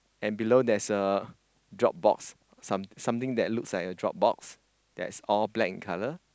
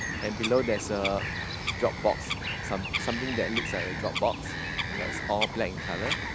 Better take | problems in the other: first | background sound (Bird vocalization, bird call, bird song); 2 dB below the speech

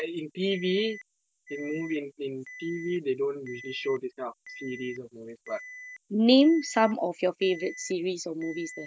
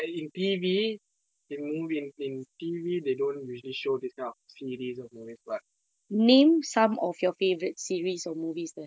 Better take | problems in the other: second | background sound (Alarm); 18 dB below the speech

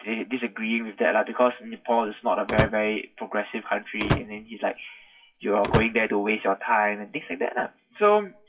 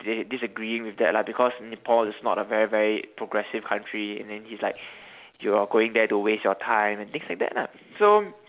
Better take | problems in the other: second | noise reduction (classical method WPE with log-MMSE)

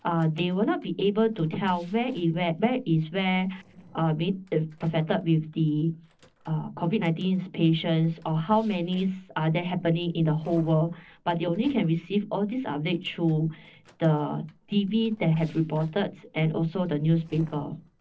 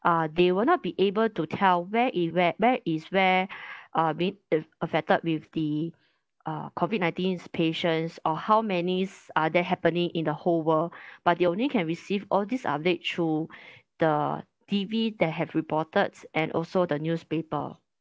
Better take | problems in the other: second | noise reduction (neural separator model SepFormer DNS4)

